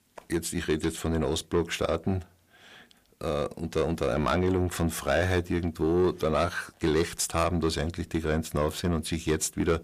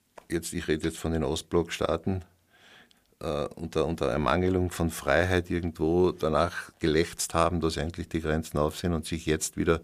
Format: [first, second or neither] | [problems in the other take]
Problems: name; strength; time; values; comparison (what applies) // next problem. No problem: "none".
second | distortion; slight; 10 dB below the speech